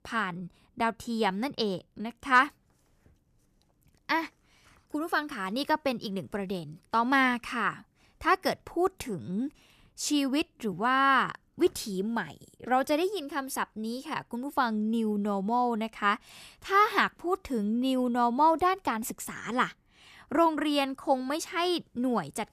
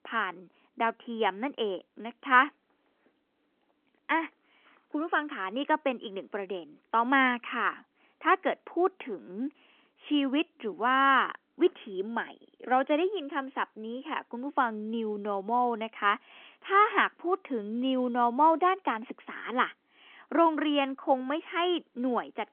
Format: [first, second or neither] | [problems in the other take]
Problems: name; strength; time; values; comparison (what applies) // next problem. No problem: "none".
first | phone-call audio; nothing above 3.5 kHz